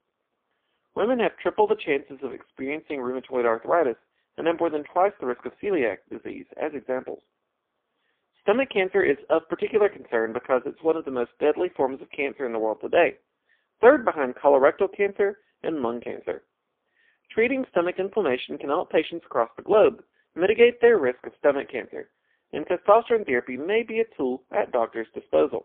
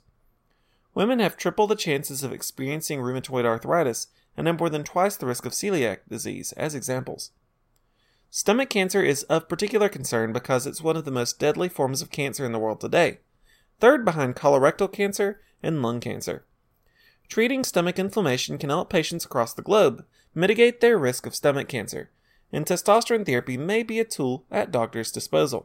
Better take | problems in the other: second | phone-call audio; poor line

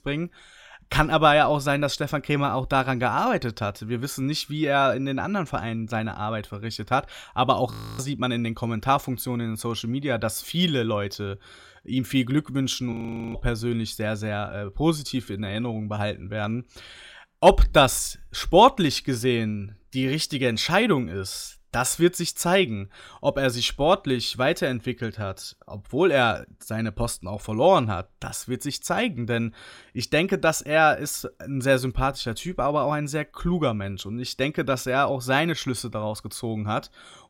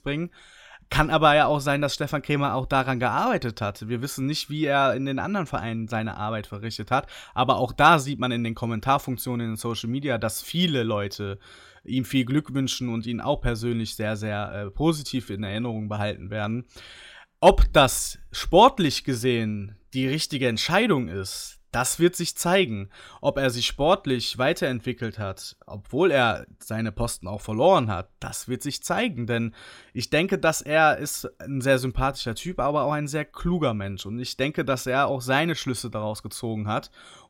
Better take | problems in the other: second | audio freezing; at 7.5 s and at 13 s

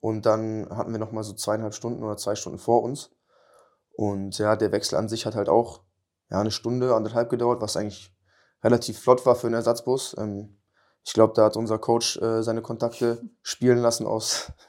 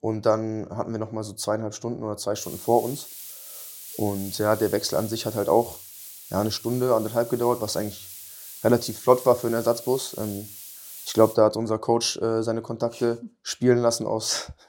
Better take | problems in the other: first | hiss; noticeable; from 2.5 to 11 s; 15 dB below the speech

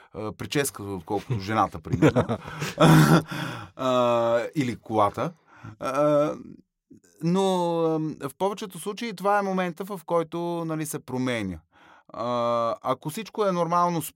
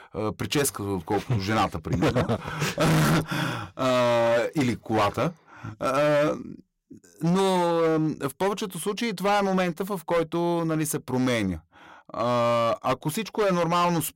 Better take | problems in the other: first | distortion; heavy; 14% of the sound clipped

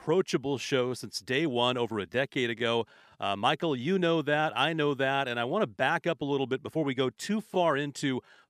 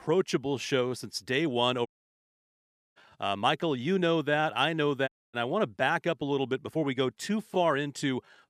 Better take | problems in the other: first | audio cutting out; at 2 s for 1 s and at 5 s

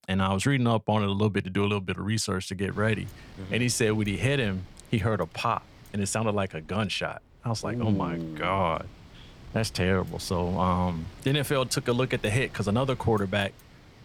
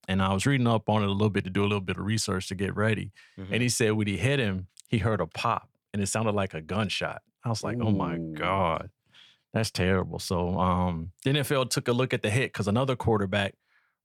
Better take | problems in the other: second | wind noise on the microphone; occasional gusts; from 2.5 s on; 25 dB below the speech

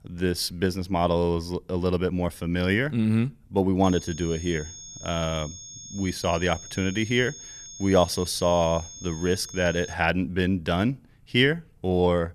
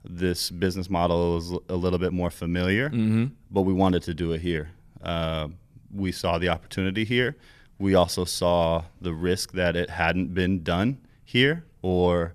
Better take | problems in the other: second | high-pitched whine; noticeable; from 4 to 10 s; 6.5 kHz, 15 dB below the speech

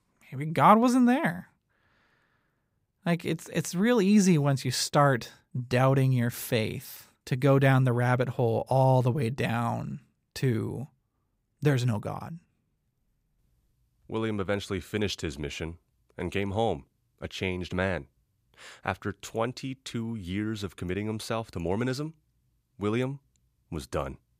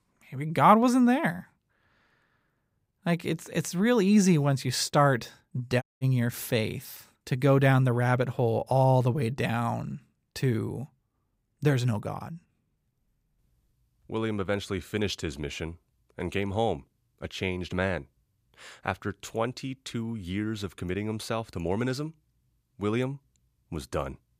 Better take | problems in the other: first | audio cutting out; at 6 s

